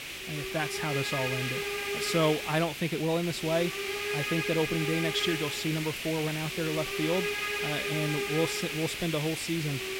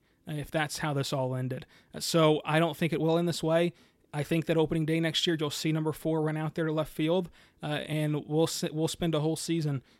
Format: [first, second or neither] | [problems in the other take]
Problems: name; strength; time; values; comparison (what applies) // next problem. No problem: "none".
second | hiss; loud; throughout; 1 dB below the speech